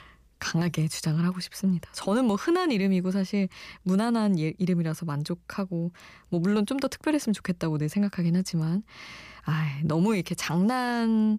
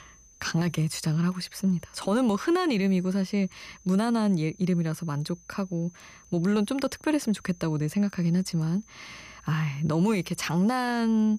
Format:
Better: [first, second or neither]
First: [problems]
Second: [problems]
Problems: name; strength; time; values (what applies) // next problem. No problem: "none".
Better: first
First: none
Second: high-pitched whine; faint; throughout; 6 kHz, 25 dB below the speech